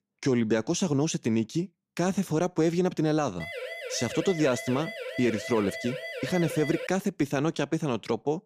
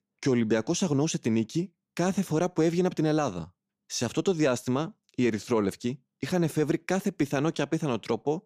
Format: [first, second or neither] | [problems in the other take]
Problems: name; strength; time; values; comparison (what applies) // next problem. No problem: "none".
second | siren; noticeable; from 3.5 to 7 s; peak 7 dB below the speech